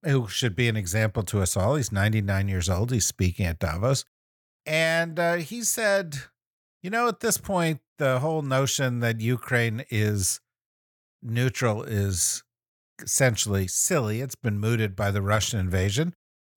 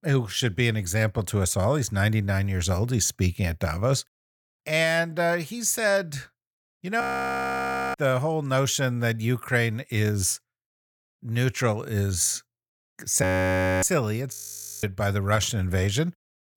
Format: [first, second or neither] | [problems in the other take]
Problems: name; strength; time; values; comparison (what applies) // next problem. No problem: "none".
first | audio freezing; at 7 s for 1 s, at 13 s for 0.5 s and at 14 s for 0.5 s